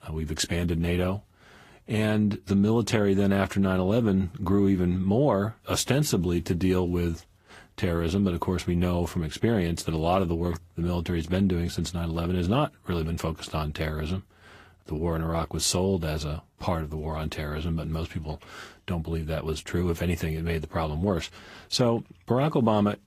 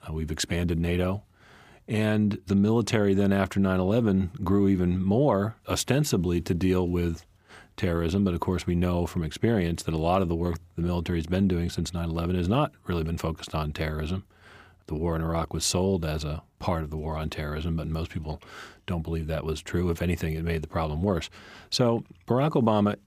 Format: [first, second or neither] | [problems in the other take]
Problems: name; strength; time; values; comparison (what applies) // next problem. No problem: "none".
second | garbled, watery; slightly; nothing above 15 kHz